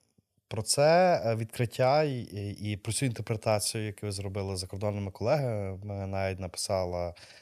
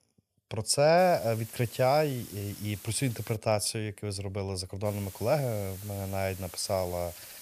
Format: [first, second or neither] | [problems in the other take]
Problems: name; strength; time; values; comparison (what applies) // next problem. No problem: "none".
first | hiss; noticeable; from 1 to 3.5 s and from 5 s on; 15 dB below the speech